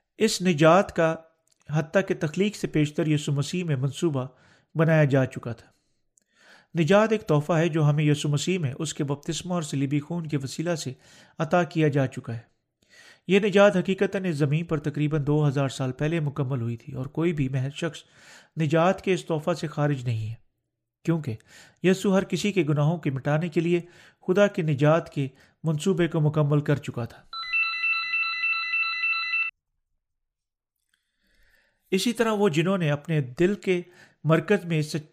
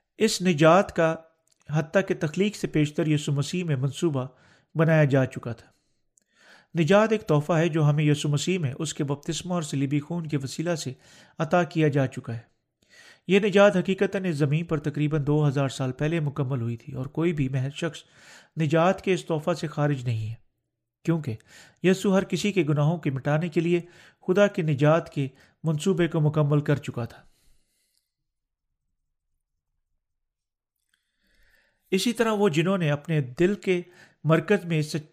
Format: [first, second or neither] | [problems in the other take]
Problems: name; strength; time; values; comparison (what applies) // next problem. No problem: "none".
second | phone ringing; loud; from 27 to 30 s; peak 2 dB above the speech